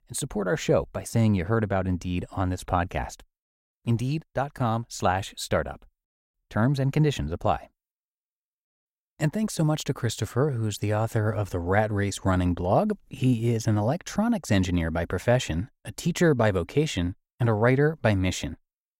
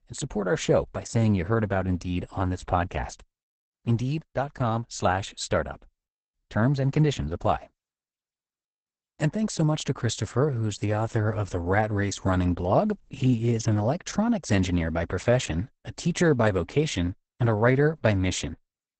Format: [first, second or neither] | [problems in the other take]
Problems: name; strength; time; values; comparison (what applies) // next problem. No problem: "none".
first | garbled, watery; badly; nothing above 8 kHz